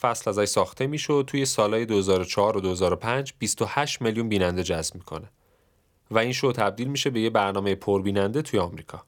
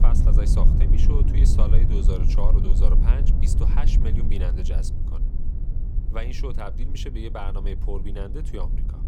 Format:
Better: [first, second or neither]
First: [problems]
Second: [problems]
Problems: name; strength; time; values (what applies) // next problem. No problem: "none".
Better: first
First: none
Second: low rumble; loud; throughout; 3 dB below the speech